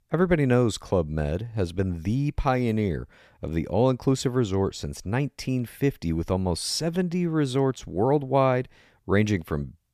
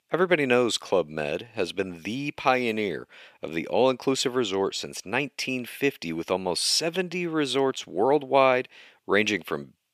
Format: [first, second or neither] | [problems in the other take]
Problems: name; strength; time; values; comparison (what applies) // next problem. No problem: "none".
first | thin; somewhat; fading below 350 Hz